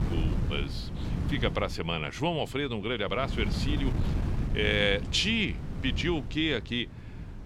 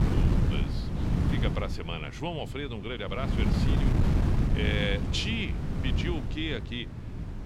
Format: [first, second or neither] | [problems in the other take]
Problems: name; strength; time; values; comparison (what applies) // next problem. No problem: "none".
first | wind noise on the microphone; heavy; 3 dB below the speech; occasional gusts in the first